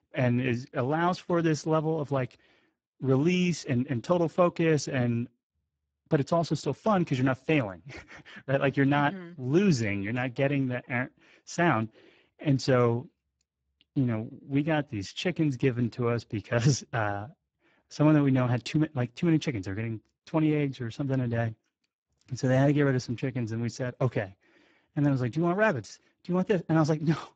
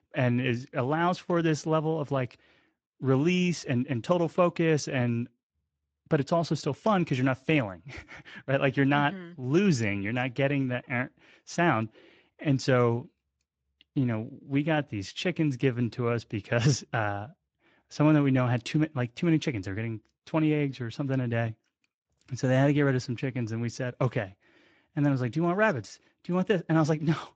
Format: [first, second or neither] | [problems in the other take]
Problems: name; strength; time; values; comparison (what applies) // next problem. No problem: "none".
second | garbled, watery; badly; nothing above 7.5 kHz; slightly in the second